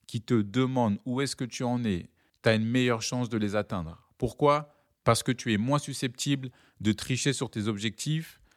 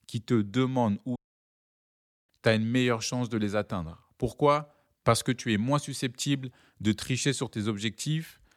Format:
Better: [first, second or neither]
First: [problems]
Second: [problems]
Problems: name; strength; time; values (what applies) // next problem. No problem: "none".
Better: first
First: none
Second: audio cutting out; at 1 s for 1 s